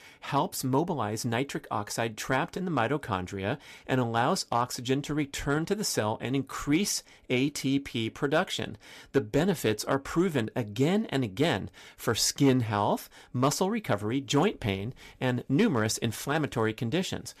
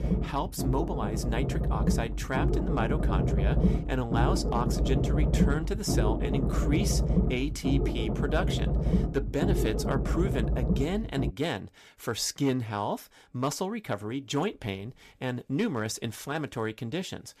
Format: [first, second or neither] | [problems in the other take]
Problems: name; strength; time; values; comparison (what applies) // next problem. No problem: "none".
first | low rumble; loud; until 11 s; 3 dB below the speech